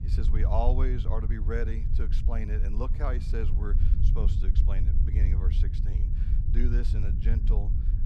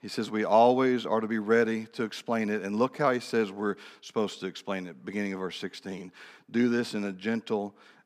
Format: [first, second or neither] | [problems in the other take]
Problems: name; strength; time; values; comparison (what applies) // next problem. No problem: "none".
second | low rumble; loud; throughout; 7 dB below the speech